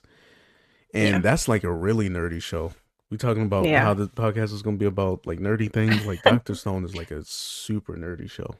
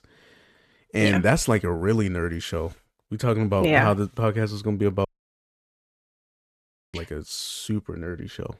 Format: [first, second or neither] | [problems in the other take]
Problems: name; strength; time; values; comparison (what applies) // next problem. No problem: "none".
first | audio cutting out; at 5 s for 2 s